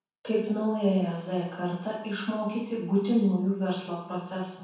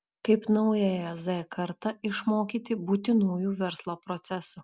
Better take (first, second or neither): second